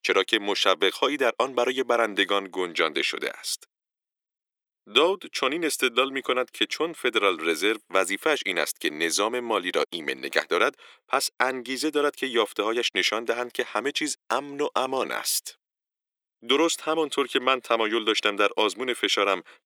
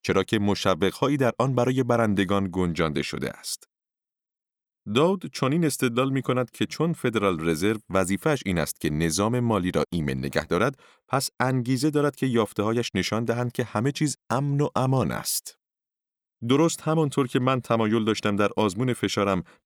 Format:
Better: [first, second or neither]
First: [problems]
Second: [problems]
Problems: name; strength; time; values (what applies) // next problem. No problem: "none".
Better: second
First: thin; somewhat; fading below 350 Hz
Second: none